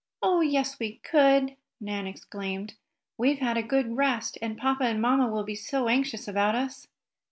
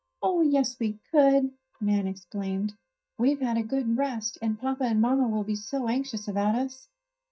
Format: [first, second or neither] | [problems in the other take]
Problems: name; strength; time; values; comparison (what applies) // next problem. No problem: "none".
first | noise reduction (neural mask model DeepFilterNet 3)